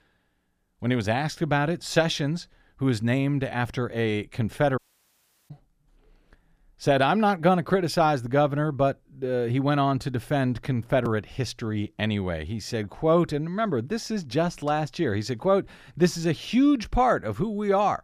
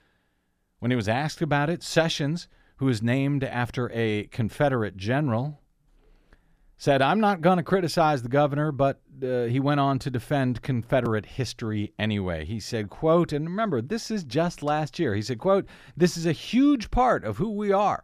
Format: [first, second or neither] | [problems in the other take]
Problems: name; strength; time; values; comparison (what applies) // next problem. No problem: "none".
second | audio cutting out; at 5 s for 0.5 s